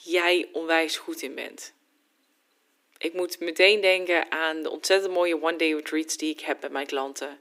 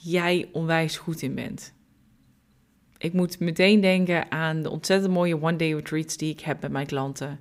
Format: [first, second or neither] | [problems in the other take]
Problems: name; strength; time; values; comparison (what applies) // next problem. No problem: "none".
second | thin; very; fading below 300 Hz